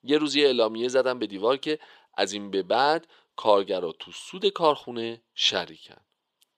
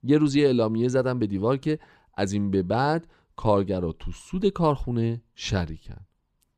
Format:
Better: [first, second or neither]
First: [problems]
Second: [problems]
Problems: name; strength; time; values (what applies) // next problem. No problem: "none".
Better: second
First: thin; somewhat; fading below 500 Hz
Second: none